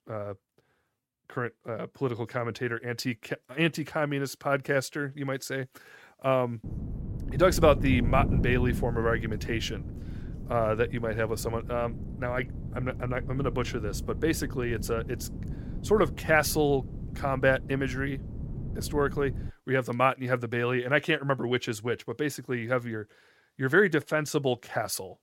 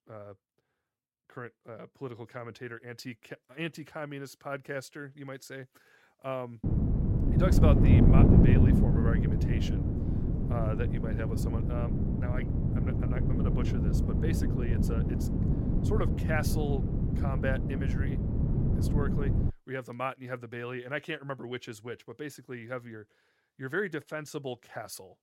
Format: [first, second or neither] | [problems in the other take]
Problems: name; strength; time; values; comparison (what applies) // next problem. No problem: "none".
first | wind noise on the microphone; heavy; from 6.5 to 20 s; 2 dB above the speech; occasional gusts in the first